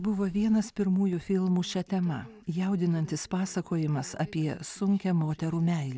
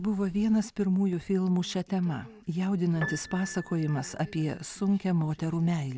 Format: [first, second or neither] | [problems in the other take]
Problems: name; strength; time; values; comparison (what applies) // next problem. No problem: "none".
first | background sound (Piano); 16 dB below the speech